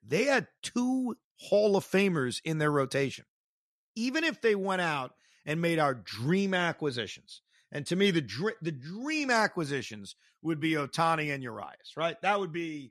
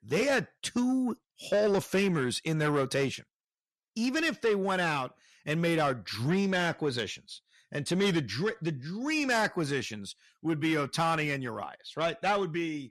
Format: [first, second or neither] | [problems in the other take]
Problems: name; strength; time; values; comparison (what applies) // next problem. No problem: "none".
first | distortion; slight; 10 dB below the speech